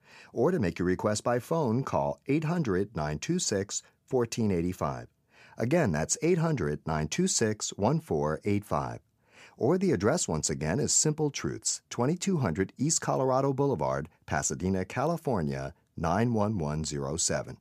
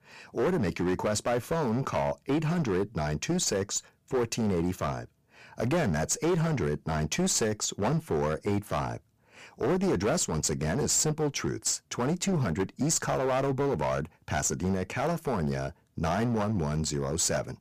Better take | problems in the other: first | distortion; heavy; 12% of the sound clipped

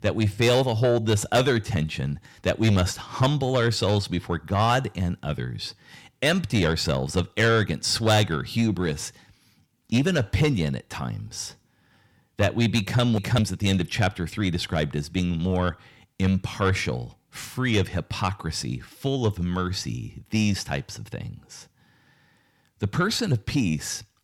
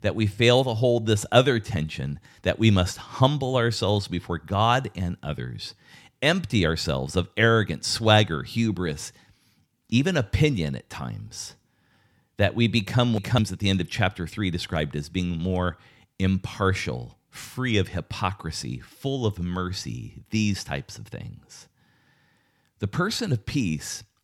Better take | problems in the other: second | distortion; slight; 10 dB below the speech

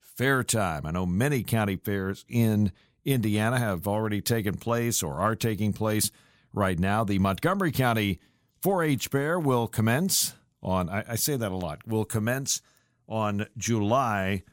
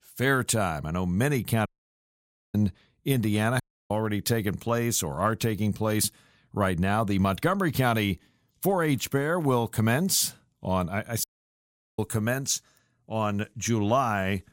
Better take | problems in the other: first | audio cutting out; at 1.5 s for 1 s, at 3.5 s and at 11 s for 0.5 s

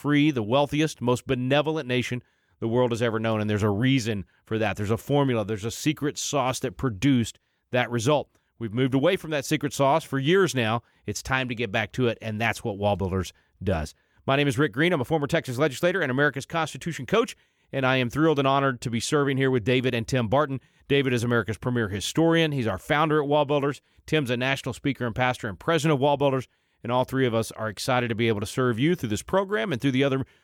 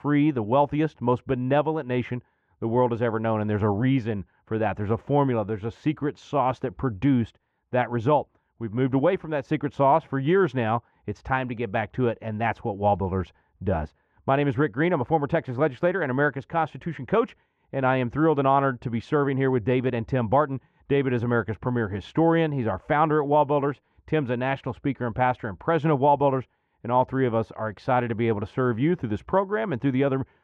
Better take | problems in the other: first | muffled; very; fading above 1.5 kHz

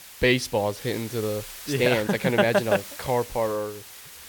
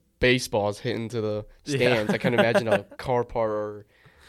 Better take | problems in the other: second | hiss; noticeable; throughout; 15 dB below the speech

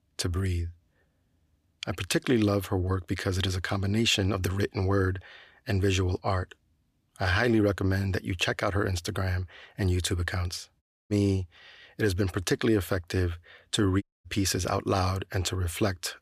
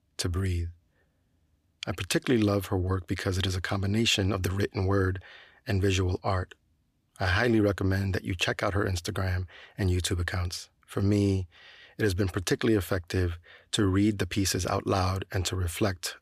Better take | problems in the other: second | audio cutting out; at 11 s and at 14 s

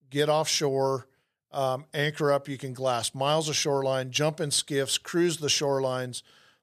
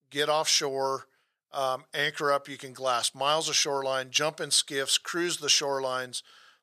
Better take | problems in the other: first | thin; somewhat; fading below 1 kHz

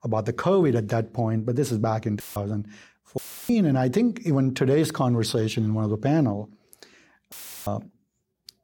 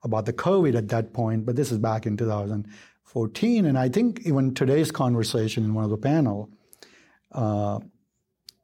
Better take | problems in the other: second | audio cutting out; filled with static; at 2 s, at 3 s and at 7.5 s

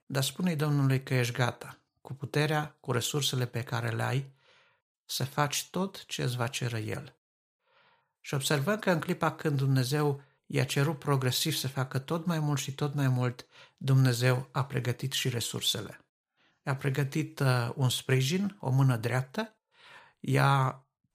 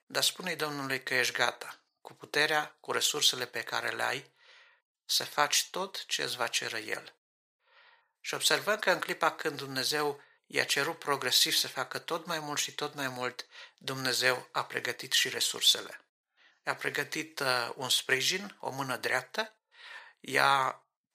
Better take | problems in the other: first | thin; very; fading below 500 Hz

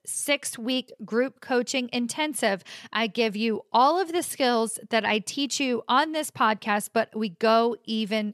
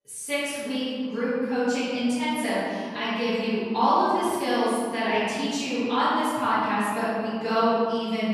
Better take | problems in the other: first | off-mic speech; far // room echo; strong; dies away in 2.3 s

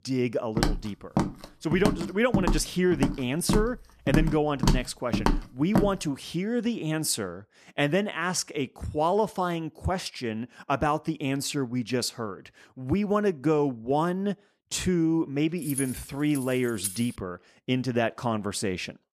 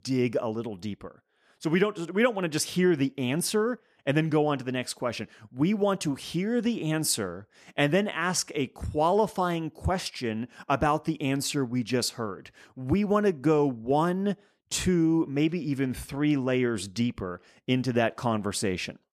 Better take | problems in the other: second | footsteps; loud; from 0.5 to 6 s; peak 1 dB above the speech // jangling keys; noticeable; from 16 to 17 s; peak 5 dB below the speech

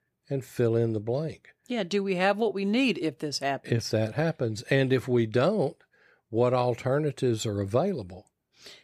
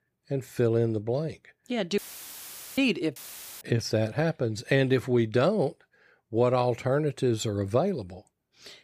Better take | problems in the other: first | audio cutting out; filled with static; at 2 s for 1 s and at 3 s

